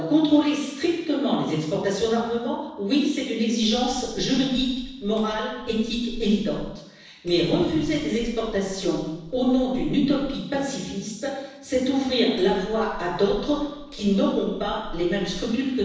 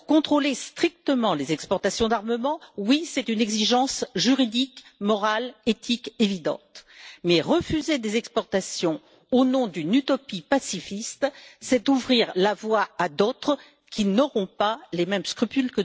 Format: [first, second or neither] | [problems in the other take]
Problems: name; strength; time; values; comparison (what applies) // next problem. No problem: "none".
second | noise reduction (neural separator model SepFormer DNS4)